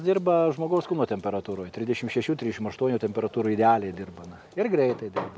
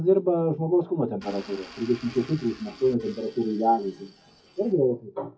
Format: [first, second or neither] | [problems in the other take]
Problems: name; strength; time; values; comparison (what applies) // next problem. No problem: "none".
first | noise reduction (classical method WPE with log-MMSE)